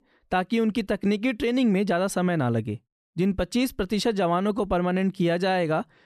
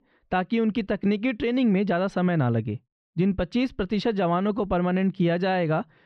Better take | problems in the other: first | muffled; very slightly; fading above 3.5 kHz

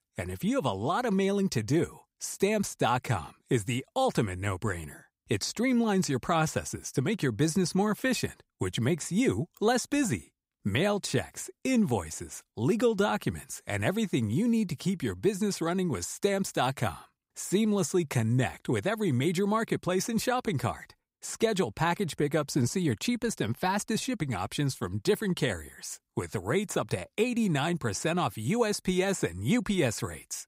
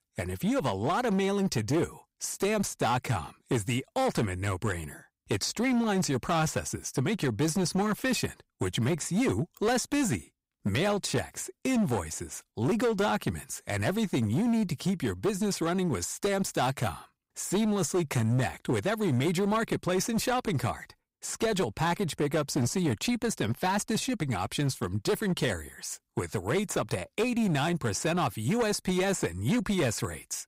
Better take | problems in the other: first | distortion; slight; 12% of the sound clipped

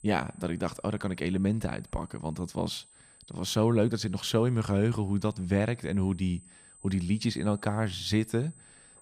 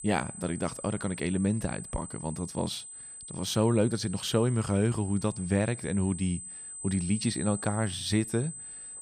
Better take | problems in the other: first | high-pitched whine; loud; throughout; 8 kHz, 10 dB below the speech; faint in the first

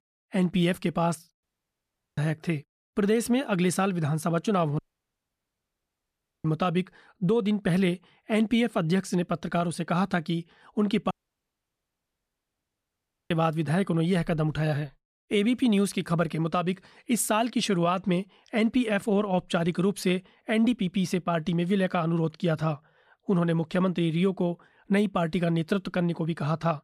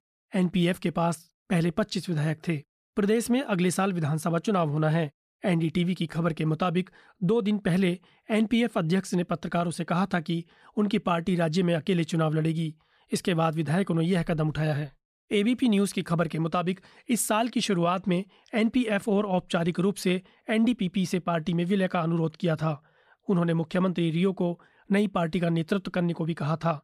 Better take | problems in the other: second | audio cutting out; at 1.5 s for 0.5 s, at 5 s for 1.5 s and at 11 s for 2 s

